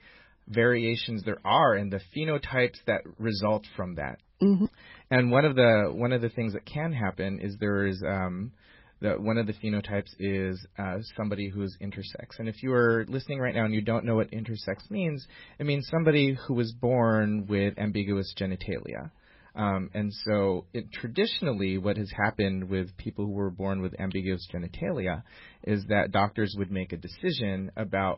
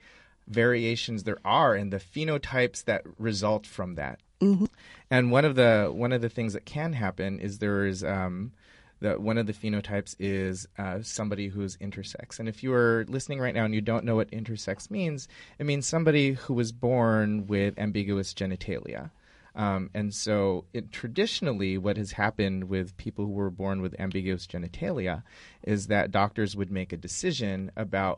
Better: second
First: garbled, watery; badly; nothing above 5.5 kHz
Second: garbled, watery; slightly; nothing above 10.5 kHz

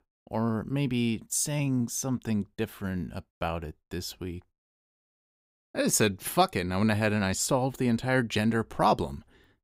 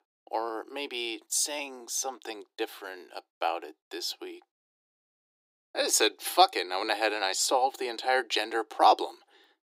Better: first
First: none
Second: thin; very; fading below 300 Hz

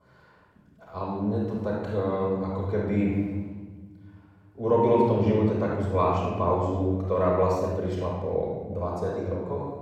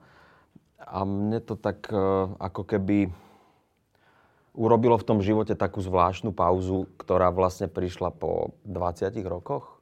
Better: second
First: off-mic speech; far // room echo; strong; dies away in 1.7 s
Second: none

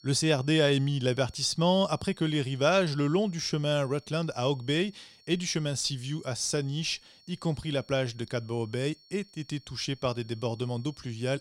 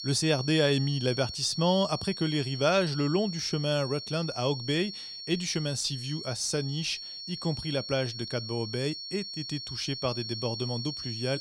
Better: first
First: high-pitched whine; faint; throughout; 4.5 kHz, 25 dB below the speech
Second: high-pitched whine; loud; throughout; 4.5 kHz, 7 dB below the speech

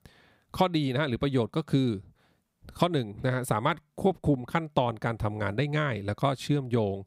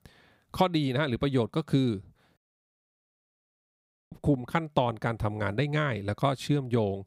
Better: first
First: none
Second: audio cutting out; at 2.5 s for 2 s

